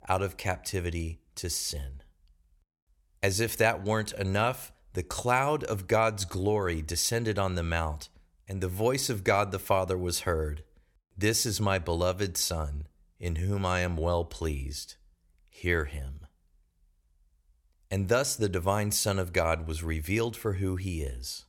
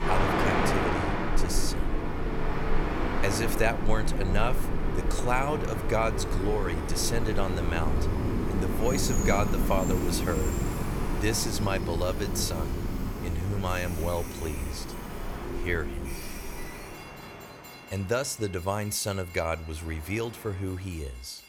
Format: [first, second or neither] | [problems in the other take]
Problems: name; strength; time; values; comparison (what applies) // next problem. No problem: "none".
first | train or aircraft noise; loud; throughout; as loud as the speech